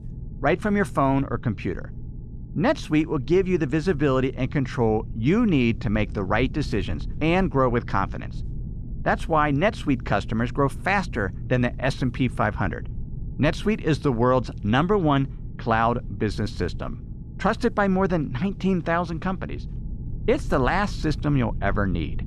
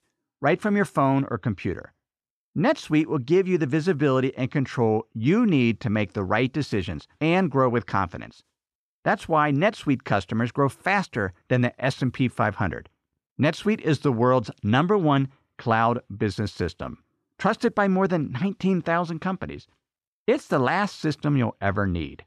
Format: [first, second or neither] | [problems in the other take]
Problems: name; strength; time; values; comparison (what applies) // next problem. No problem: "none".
second | low rumble; faint; throughout; 25 dB below the speech